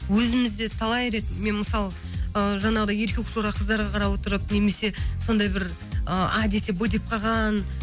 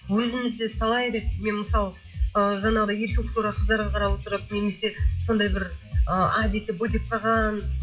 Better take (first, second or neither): first